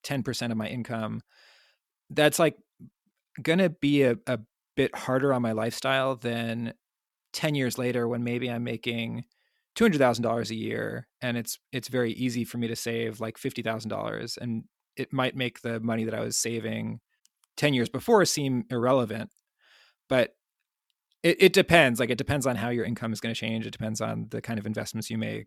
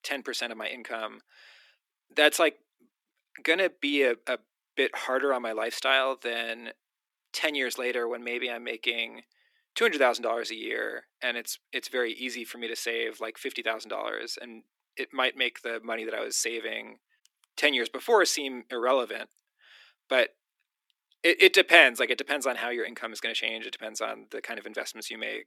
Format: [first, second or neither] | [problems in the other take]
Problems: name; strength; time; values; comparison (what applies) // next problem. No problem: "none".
first | thin; somewhat; fading below 300 Hz